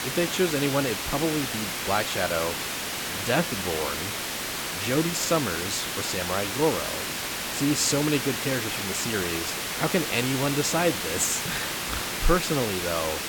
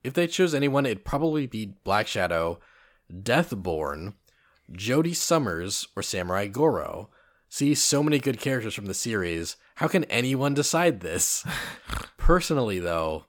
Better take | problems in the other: second | hiss; loud; throughout; 1 dB below the speech

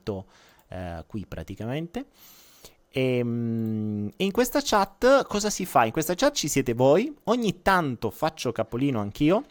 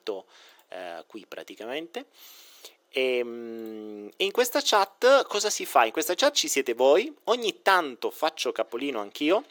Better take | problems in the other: first | thin; somewhat; fading below 350 Hz

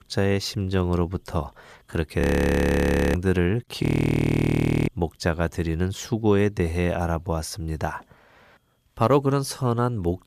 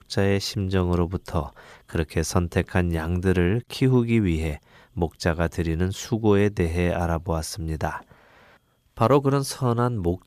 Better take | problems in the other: second | audio freezing; at 2 s for 1 s and at 4 s for 1 s

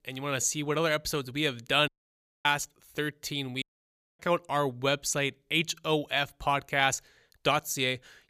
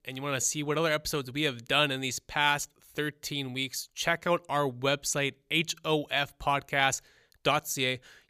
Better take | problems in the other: second | audio cutting out; at 2 s for 0.5 s and at 3.5 s for 0.5 s

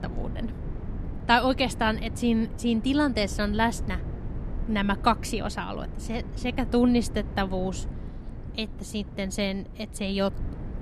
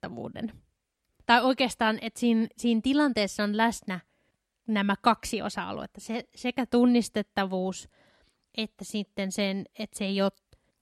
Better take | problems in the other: second | wind noise on the microphone; occasional gusts; 20 dB below the speech

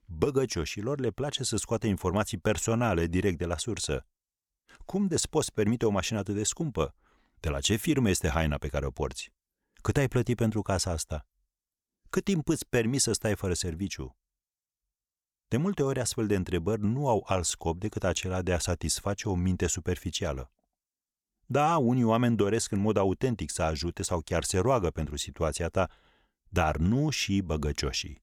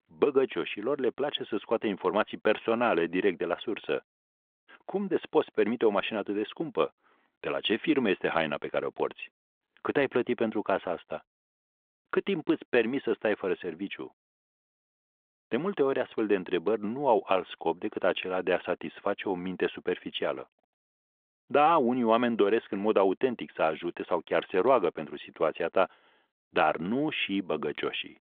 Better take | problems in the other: first | phone-call audio; nothing above 3.5 kHz

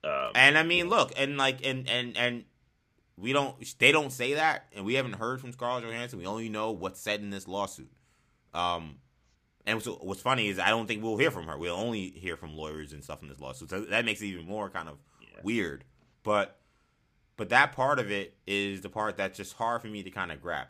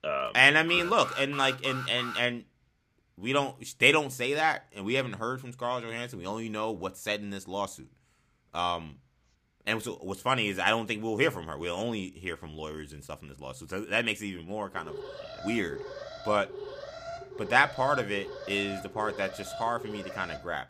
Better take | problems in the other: first | alarm; noticeable; from 0.5 to 2 s; peak 9 dB below the speech // alarm; faint; from 15 s on; peak 10 dB below the speech

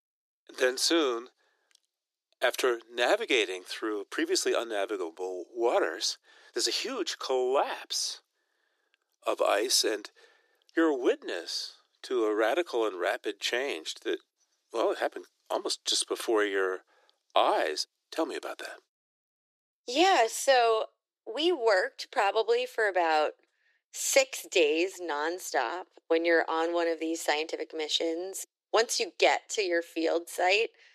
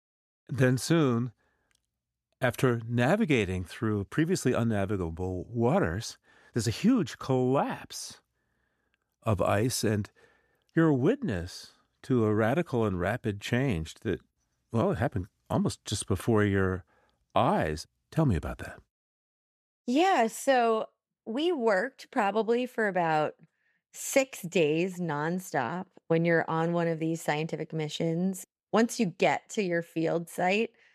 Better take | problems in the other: second | thin; very; fading below 350 Hz

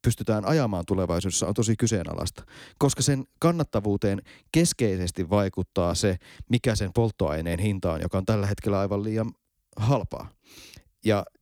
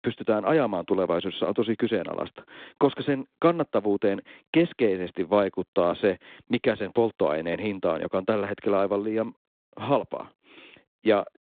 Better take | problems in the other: first | phone-call audio; nothing above 3.5 kHz

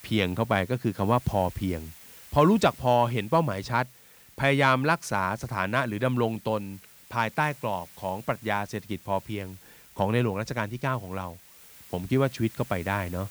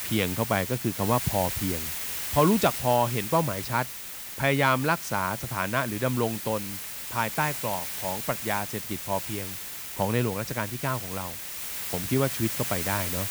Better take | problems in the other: first | hiss; loud; throughout; 4 dB below the speech; faint in the first

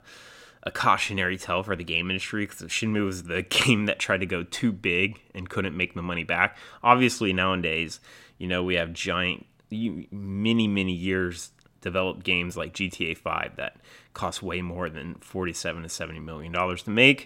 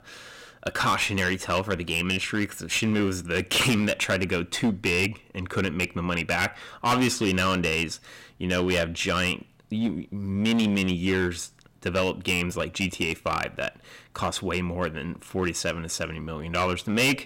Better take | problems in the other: first | distortion; heavy; 8% of the sound clipped

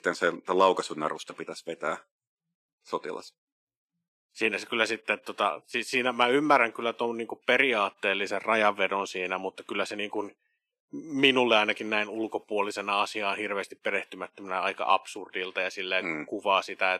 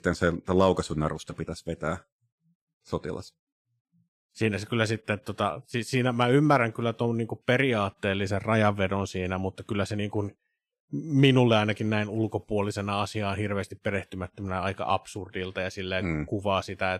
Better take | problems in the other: second | thin; somewhat; fading below 300 Hz

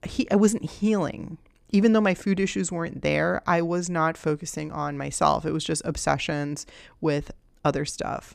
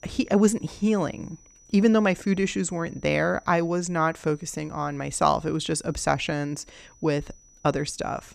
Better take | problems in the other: first | high-pitched whine; faint; throughout; 6 kHz, 30 dB below the speech

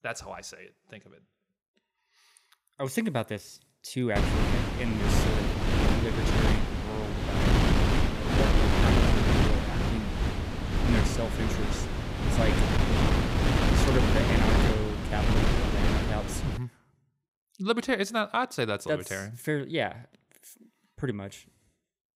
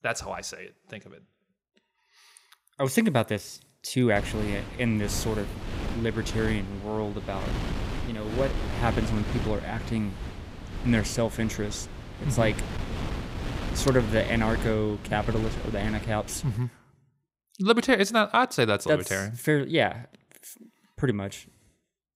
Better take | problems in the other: second | wind noise on the microphone; heavy; from 4 to 17 s; 3 dB above the speech; occasional gusts in the second

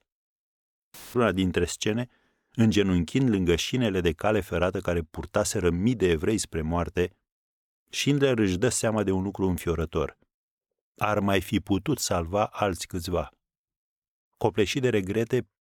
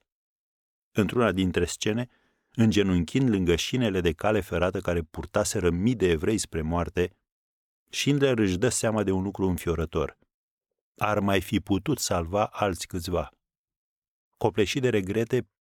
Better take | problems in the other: second | audio cutting out; filled with static; at 1 s

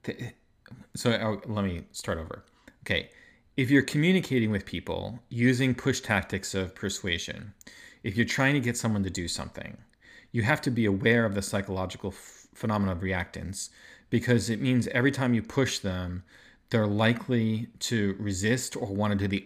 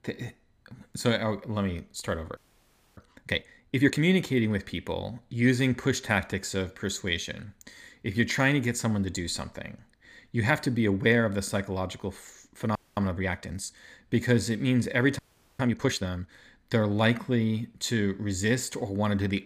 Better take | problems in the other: first | audio freezing; at 2.5 s for 0.5 s, at 13 s and at 15 s

